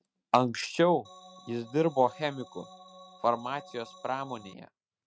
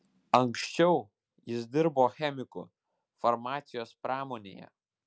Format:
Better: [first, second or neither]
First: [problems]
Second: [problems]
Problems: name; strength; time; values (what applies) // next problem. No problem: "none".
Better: second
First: noise reduction (neural mask model RNNoise)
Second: none